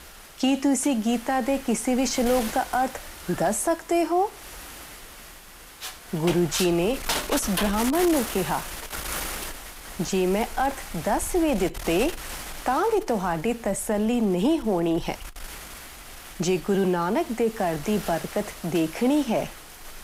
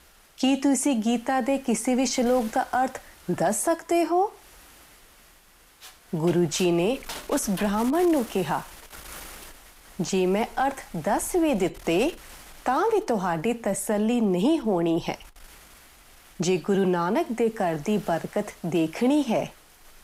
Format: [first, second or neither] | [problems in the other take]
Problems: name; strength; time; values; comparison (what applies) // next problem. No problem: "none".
second | wind noise on the microphone; heavy; 10 dB below the speech; occasional gusts in the second